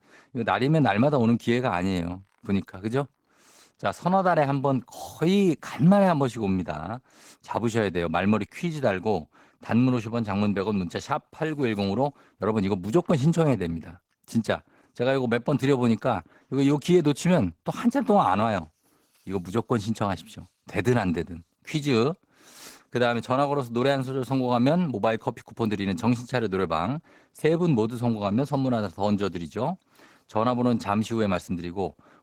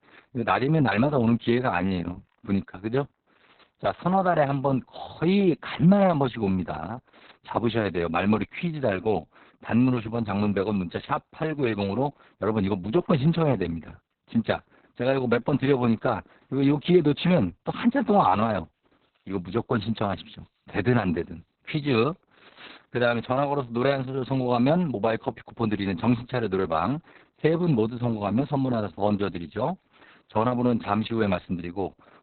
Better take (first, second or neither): first